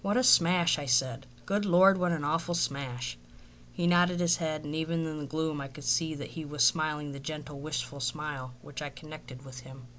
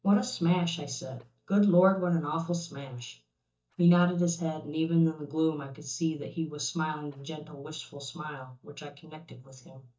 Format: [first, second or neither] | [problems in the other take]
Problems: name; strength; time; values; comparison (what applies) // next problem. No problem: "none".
first | noise reduction (neural mask model DeepFilterNet 3)